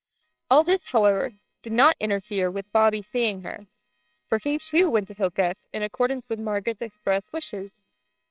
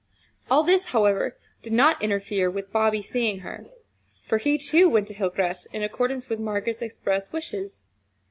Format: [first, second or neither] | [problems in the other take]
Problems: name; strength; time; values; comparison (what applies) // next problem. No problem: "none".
second | noise reduction (neural separator model SepFormer WHAMR!)